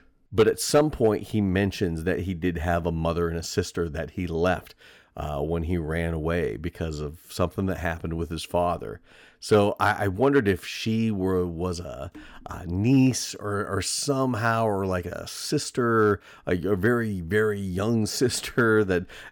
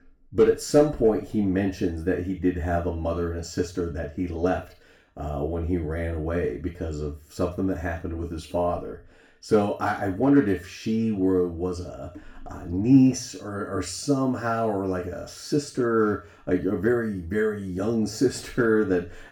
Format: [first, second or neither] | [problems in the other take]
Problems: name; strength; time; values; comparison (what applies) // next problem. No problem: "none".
first | room echo; slight; dies away in 0.4 s // off-mic speech; far